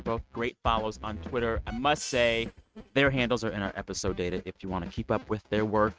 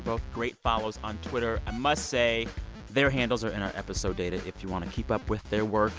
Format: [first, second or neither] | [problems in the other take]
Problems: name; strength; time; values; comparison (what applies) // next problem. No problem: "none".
second | noise reduction (neural mask model RNNoise)